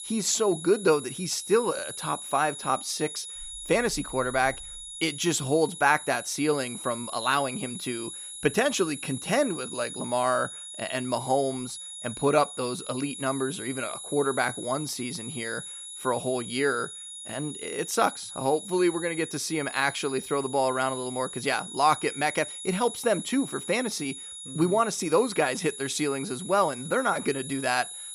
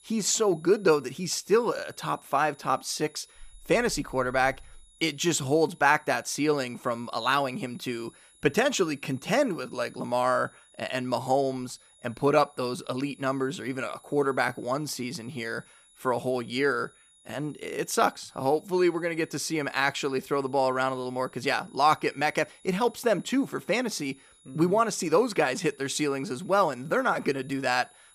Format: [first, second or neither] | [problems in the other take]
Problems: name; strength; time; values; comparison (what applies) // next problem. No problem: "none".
second | high-pitched whine; loud; throughout; 10.5 kHz, 9 dB below the speech; faint in the second